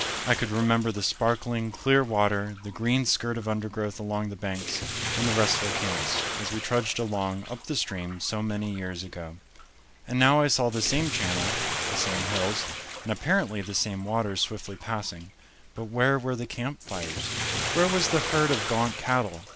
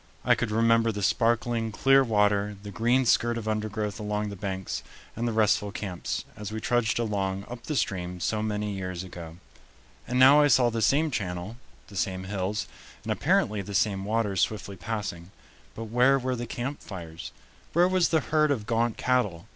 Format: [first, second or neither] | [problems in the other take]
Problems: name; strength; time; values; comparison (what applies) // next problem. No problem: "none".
second | background sound (Bathtub (filling or washing)); 7 dB below the speech